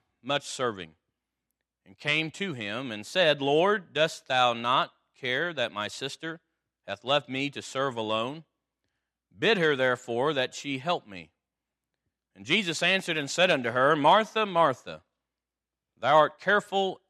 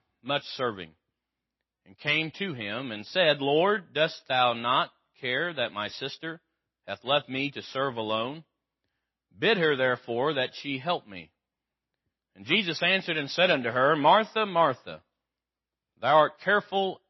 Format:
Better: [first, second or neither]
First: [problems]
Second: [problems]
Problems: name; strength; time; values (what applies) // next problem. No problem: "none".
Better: first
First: none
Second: garbled, watery; slightly; nothing above 5.5 kHz